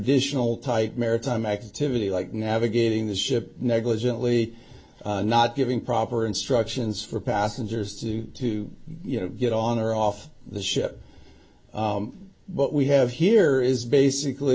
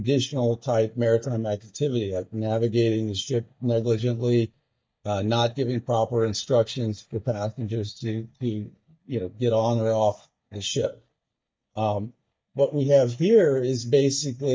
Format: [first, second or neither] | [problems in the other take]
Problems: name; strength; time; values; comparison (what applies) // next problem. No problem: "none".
first | noise reduction (neural mask model DeepFilterNet 3)